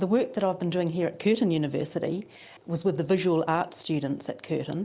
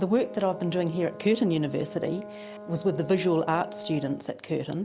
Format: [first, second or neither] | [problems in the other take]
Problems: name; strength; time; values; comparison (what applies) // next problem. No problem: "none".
first | background sound (Brass instrument); 15 dB below the speech